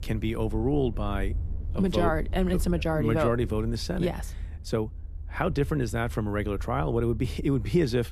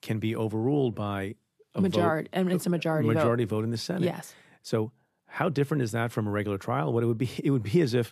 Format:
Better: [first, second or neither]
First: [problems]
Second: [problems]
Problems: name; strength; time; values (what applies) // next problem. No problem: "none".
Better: second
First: low rumble; faint; throughout; 25 dB below the speech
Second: none